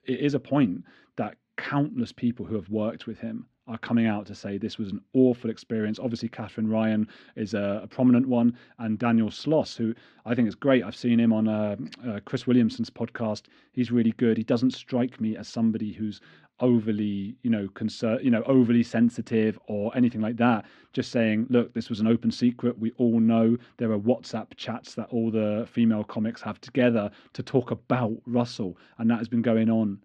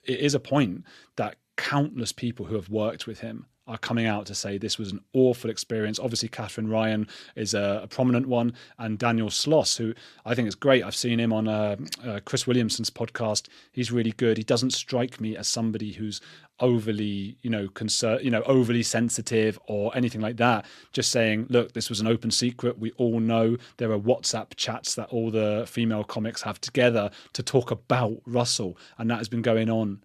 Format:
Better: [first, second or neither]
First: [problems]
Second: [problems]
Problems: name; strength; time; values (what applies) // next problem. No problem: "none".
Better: second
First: muffled; slightly; fading above 2.5 kHz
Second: none